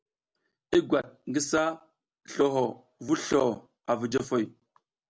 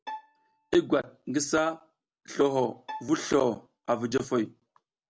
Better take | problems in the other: first | background sound (Bowed string instrument); 18 dB below the speech

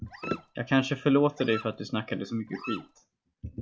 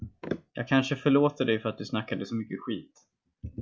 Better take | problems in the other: second | background sound (Dog); 16 dB below the speech

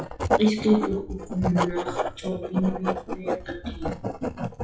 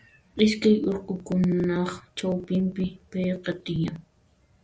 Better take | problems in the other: second | noise reduction (classical method WPE with log-MMSE)

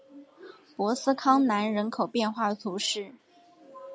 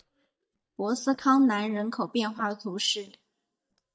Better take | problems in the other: first | noise reduction (neural mask model DeepFilterNet 3)

